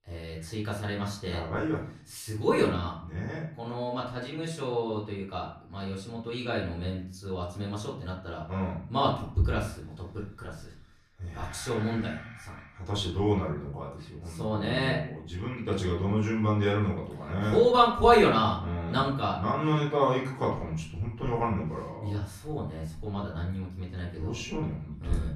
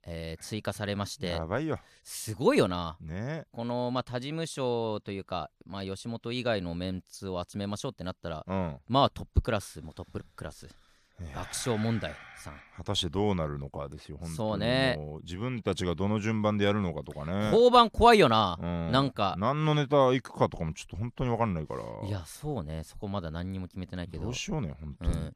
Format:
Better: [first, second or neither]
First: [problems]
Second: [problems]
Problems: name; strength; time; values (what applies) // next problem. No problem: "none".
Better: second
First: off-mic speech; far // room echo; slight; dies away in 0.5 s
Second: none